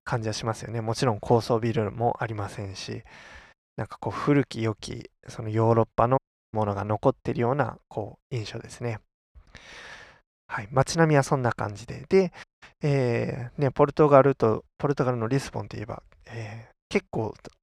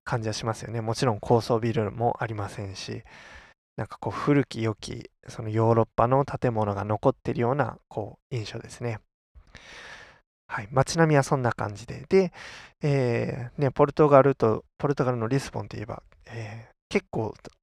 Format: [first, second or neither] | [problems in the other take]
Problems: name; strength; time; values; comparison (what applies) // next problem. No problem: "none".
second | audio cutting out; at 6 s and at 12 s